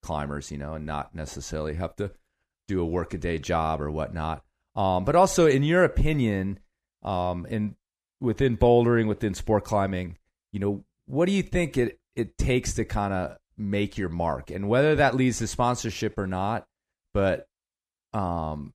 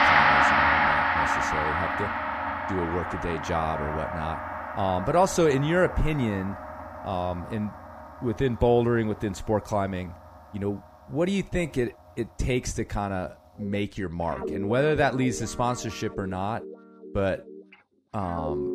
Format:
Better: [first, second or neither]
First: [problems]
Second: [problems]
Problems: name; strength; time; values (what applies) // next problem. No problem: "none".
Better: first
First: none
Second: background music; very loud; throughout; 1 dB above the speech